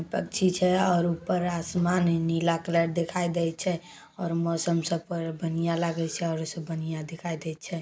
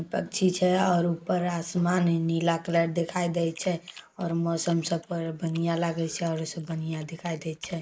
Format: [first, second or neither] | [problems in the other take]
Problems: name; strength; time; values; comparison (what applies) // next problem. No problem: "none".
first | noise reduction (neural mask model Resemble Enhance denoiser)